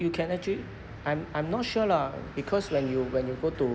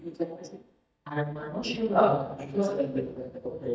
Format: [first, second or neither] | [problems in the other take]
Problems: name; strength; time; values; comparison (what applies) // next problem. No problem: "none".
first | noise reduction (neural mask model DeepFilterNet 3)